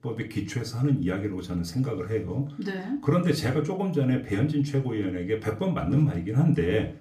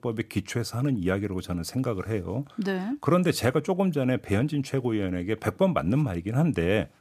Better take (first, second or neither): second